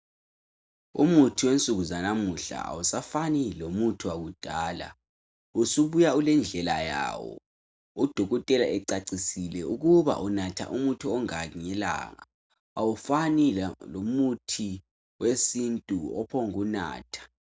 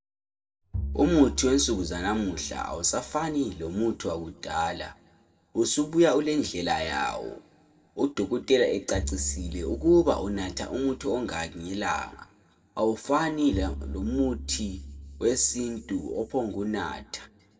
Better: first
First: none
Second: background sound (Bowed string instrument); 10 dB below the speech // room echo; dies away in 1.1 s

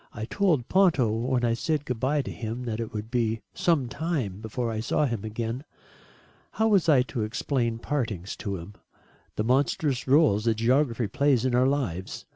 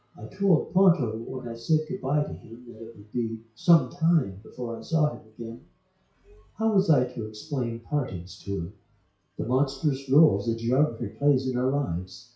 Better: first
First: none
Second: noise reduction (classical method WPE with log-MMSE)

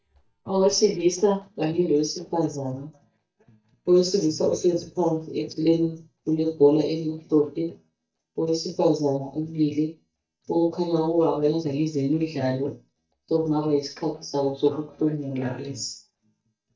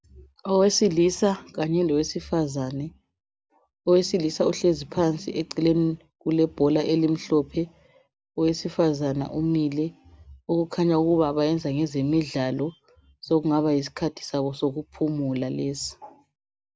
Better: second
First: noise reduction (neural mask model DeepFilterNet 3)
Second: none

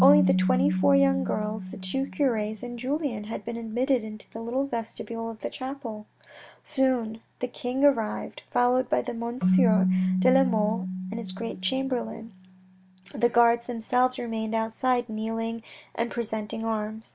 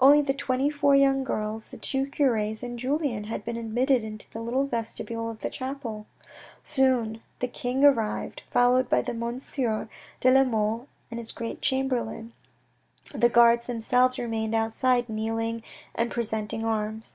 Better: second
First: background sound (Keyboard (musical)); 5 dB below the speech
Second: none

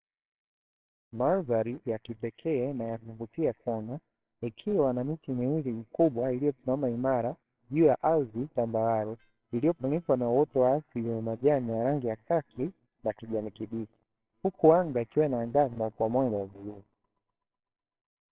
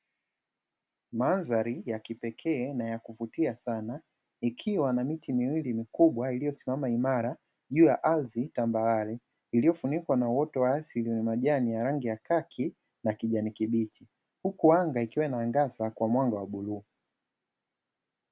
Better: second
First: noise reduction (neural separator model SepFormer WHAMR!)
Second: none

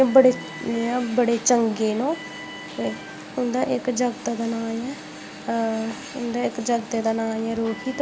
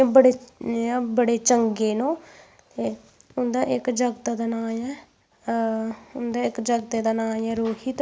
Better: second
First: background sound (Alarm); 14 dB below the speech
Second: none

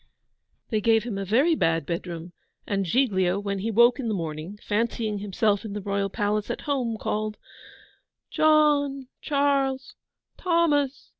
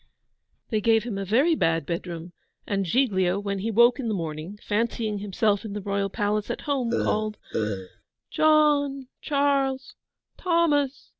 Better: first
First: none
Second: background sound (Burping, eructation); 3 dB below the speech

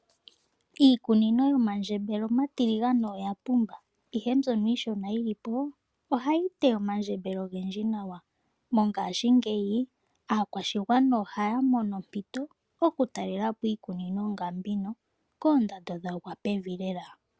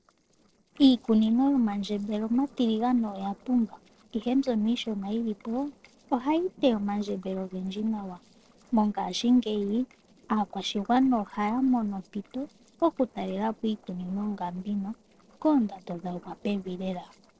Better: first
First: none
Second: noise reduction (neural separator model SepFormer DNS4)

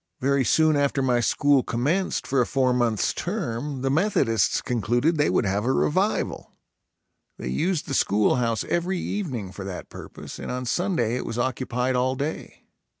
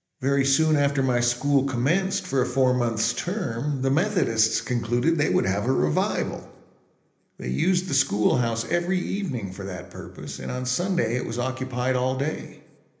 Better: first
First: none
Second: room echo; dies away in 0.8 s

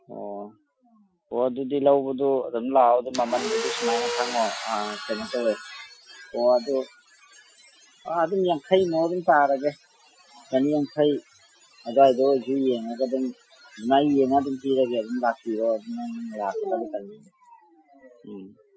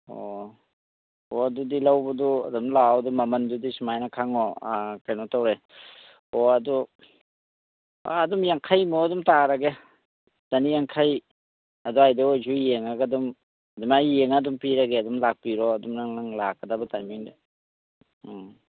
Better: second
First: noise reduction (classical method Wiener filter)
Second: none

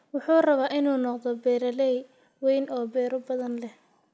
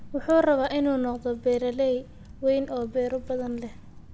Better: first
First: none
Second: background sound (Typing); 17 dB below the speech

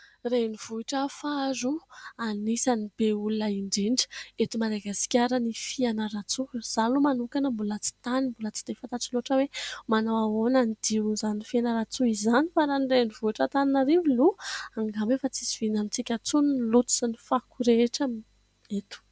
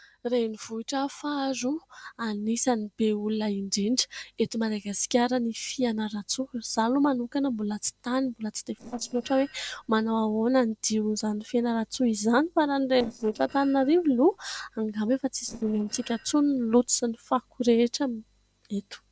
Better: first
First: none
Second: noise reduction (neural separator model SepFormer DNS4)

